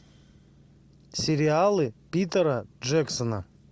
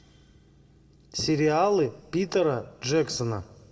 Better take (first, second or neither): first